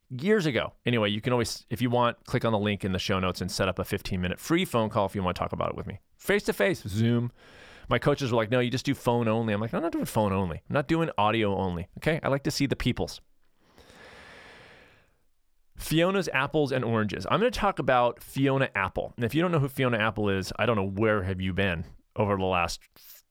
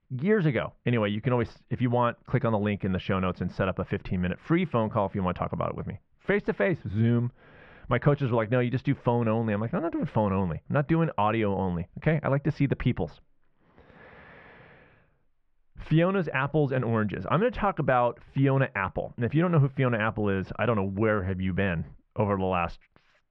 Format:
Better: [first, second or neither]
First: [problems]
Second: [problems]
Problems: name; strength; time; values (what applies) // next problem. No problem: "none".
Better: first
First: none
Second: muffled; very; fading above 2.5 kHz